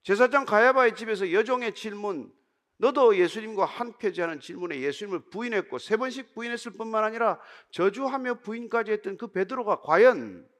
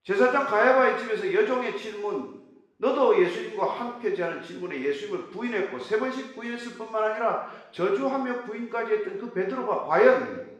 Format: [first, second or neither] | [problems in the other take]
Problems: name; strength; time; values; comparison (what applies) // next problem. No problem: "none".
first | room echo; noticeable; dies away in 0.8 s // off-mic speech; far